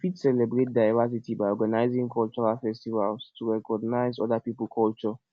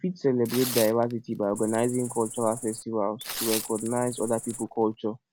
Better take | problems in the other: first | background sound (Tearing + Cricket); 10 dB below the speech

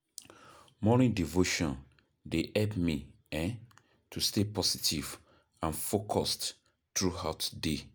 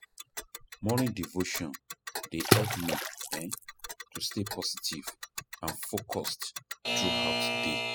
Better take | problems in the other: first | noise reduction (classical method spectral subtraction)

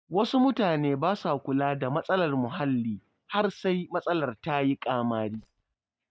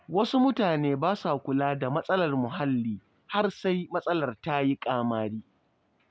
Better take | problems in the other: second | noise reduction (neural mask model DeepFilterNet 3)

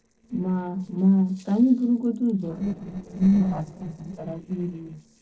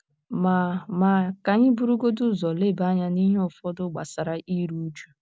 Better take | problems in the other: second | noise reduction (neural separator model SepFormer DNS4)

